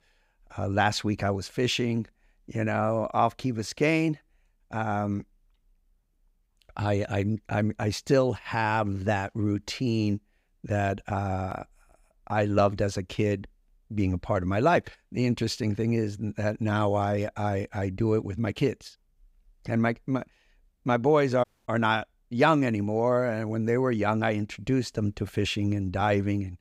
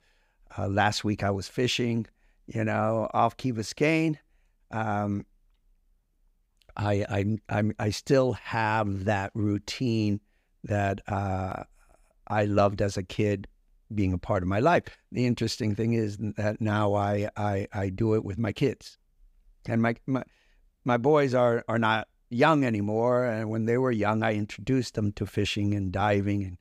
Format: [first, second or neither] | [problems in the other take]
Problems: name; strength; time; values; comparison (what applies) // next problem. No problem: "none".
second | audio cutting out; at 21 s